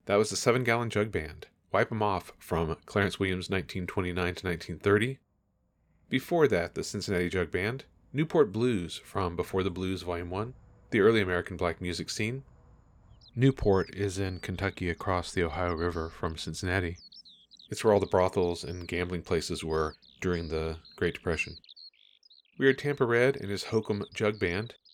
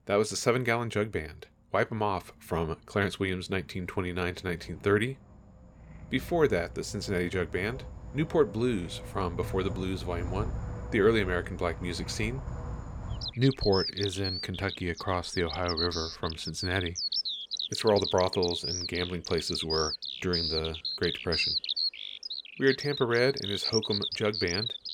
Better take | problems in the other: first | animal sounds; loud; throughout; 4 dB below the speech; faint in the first

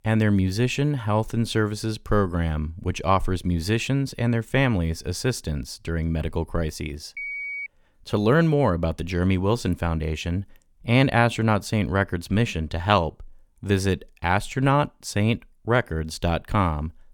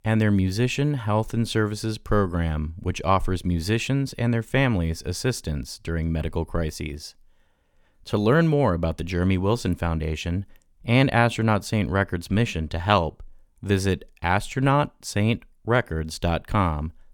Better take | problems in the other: second | phone ringing; noticeable; at 7 s; peak 5 dB below the speech

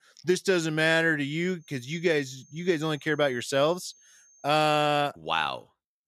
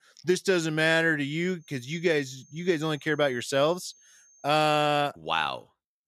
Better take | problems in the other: neither | high-pitched whine; faint; from 1.5 to 4.5 s; 6.5 kHz, 30 dB below the speech; the same in both

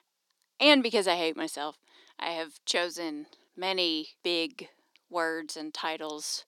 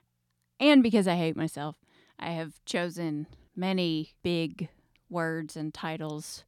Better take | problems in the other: second | thin; somewhat; fading below 350 Hz

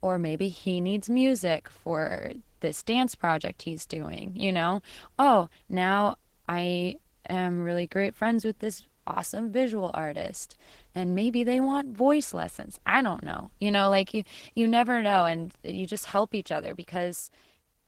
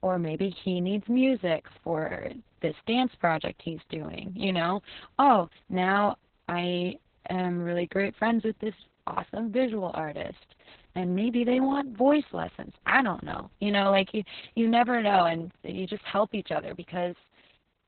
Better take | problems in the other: first | garbled, watery; badly; nothing above 4 kHz; slightly in the first

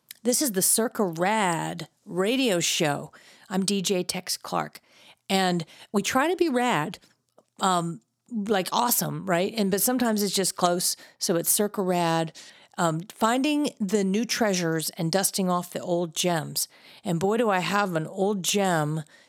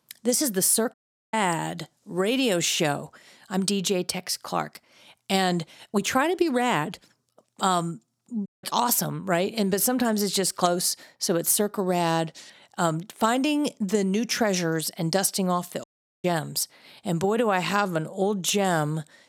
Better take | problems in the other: first | audio cutting out; at 1 s, at 8.5 s and at 16 s

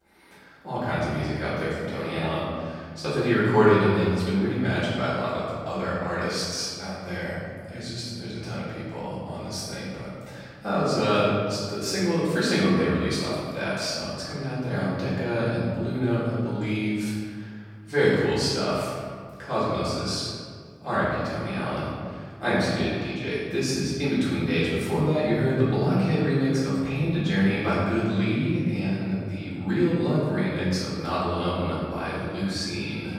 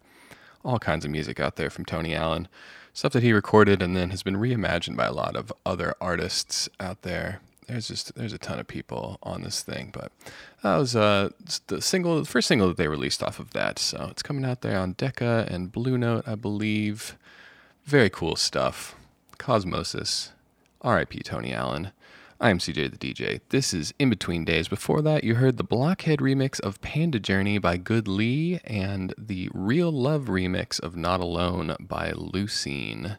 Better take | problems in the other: second | off-mic speech; far // room echo; strong; dies away in 1.8 s

